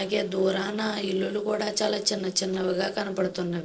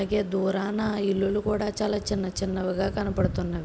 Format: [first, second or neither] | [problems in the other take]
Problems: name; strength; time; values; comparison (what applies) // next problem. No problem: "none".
second | noise reduction (neural separator model SepFormer DNS4)